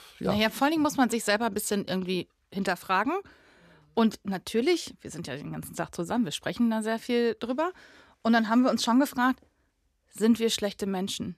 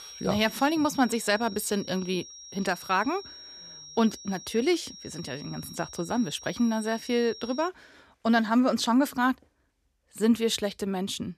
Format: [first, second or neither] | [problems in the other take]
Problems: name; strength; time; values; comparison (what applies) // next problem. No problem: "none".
first | high-pitched whine; noticeable; until 7.5 s; 5.5 kHz, 15 dB below the speech